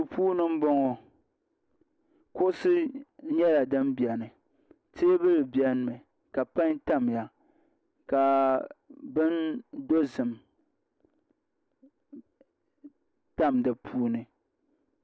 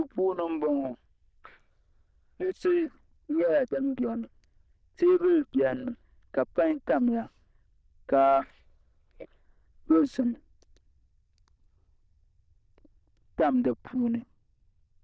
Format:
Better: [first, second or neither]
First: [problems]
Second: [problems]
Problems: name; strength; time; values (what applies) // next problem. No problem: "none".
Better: first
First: none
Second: noise reduction (neural diffusion model UNIVERSE++)